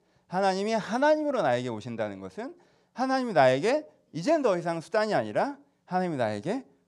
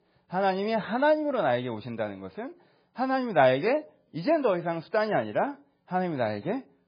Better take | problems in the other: first | garbled, watery; badly; nothing above 5 kHz

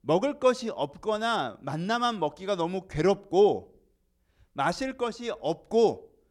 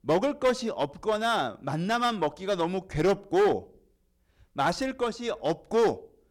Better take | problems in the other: first | distortion; slight; 7% of the sound clipped

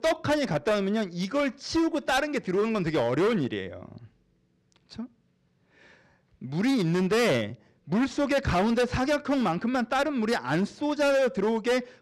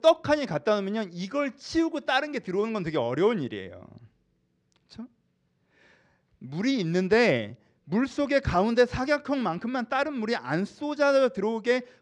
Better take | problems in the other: second | distortion; heavy; 12% of the sound clipped

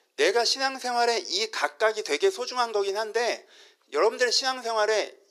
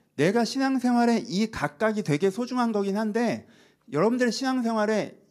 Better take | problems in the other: second | thin; very; fading below 350 Hz

